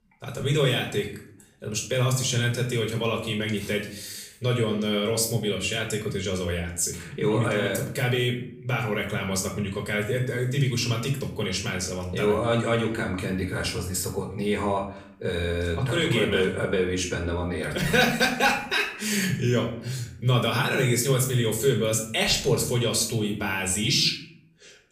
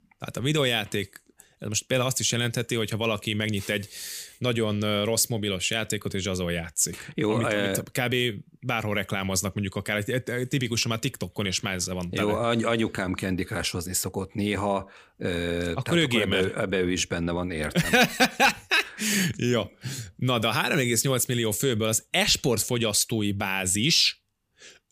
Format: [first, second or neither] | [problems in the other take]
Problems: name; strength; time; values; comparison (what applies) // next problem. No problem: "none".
second | off-mic speech; somewhat distant // room echo; slight; dies away in 0.5 s